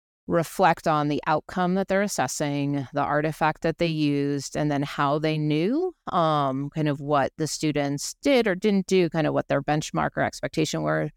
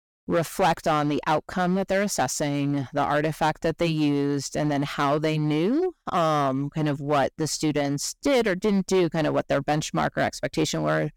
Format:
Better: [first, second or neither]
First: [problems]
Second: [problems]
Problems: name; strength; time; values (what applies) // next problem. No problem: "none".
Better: first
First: none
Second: distortion; slight; 9% of the sound clipped